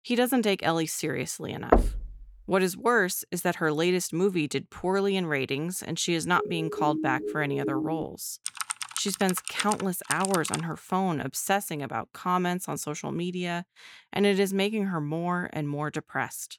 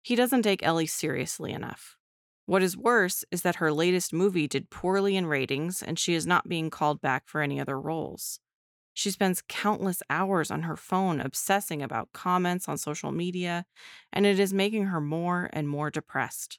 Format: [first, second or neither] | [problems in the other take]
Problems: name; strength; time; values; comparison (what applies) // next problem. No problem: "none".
second | door banging; loud; at 1.5 s; peak 4 dB above the speech // siren; noticeable; from 6.5 to 8 s; peak 3 dB below the speech // keyboard typing; noticeable; from 8.5 to 11 s; peak 2 dB below the speech